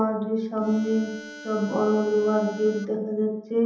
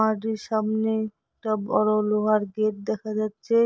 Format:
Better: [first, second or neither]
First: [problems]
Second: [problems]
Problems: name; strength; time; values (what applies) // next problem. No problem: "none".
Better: second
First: background sound (Harmonica); 17 dB below the speech // room echo; dies away in 0.9 s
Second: none